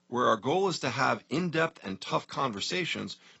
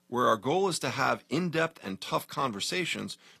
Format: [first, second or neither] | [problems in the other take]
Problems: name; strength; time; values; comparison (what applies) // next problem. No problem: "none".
second | garbled, watery; badly; nothing above 7.5 kHz; slightly in the second